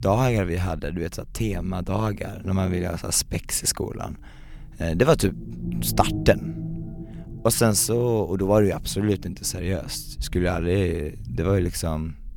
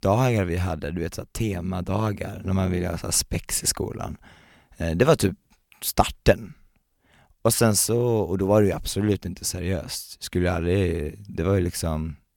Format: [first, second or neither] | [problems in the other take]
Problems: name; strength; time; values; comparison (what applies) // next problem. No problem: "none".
second | low rumble; noticeable; throughout; 15 dB below the speech